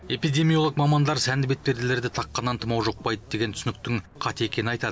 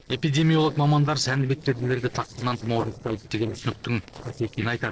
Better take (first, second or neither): first